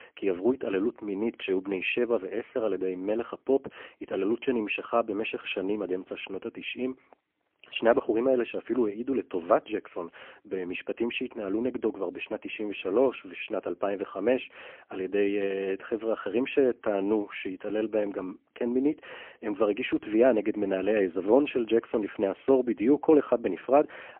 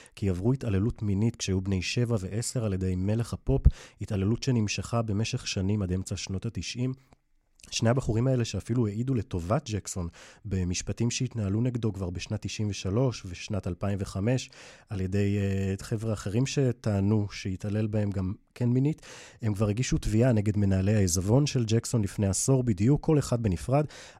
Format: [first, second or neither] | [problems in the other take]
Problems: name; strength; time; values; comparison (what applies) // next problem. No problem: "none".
second | phone-call audio; poor line; nothing above 3 kHz